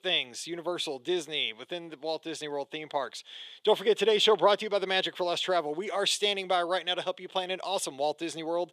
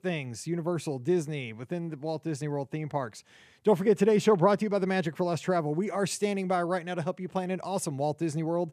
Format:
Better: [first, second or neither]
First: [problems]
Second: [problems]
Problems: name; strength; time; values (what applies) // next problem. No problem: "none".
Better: second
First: thin; very; fading below 500 Hz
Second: none